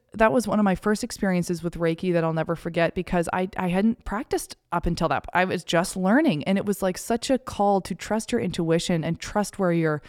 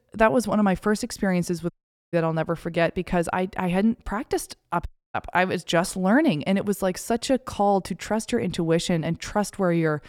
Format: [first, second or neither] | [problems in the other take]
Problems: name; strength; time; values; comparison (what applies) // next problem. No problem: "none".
first | audio cutting out; at 1.5 s and at 5 s